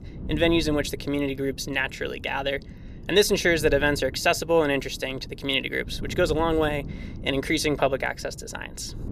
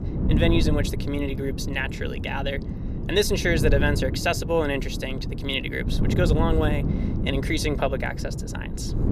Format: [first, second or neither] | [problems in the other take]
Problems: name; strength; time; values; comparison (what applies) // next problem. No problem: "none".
first | wind noise on the microphone; heavy; 9 dB below the speech; occasional gusts in the first